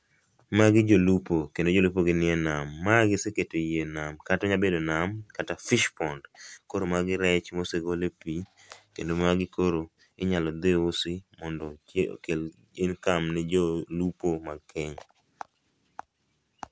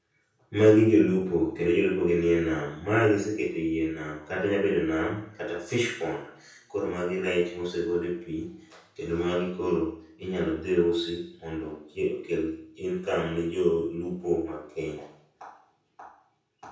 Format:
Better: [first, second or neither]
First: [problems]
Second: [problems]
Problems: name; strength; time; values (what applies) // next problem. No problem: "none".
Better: first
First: none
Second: room echo; dies away in 0.6 s